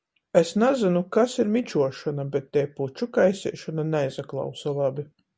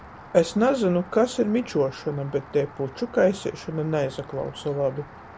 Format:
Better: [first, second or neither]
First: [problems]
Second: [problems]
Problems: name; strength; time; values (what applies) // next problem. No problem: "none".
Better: first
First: none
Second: background sound (Rain); 19 dB below the speech